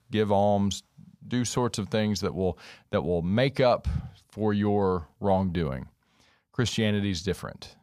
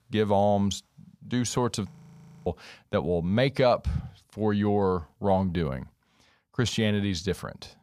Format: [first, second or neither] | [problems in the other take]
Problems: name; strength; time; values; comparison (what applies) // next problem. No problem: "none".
first | audio freezing; at 2 s for 0.5 s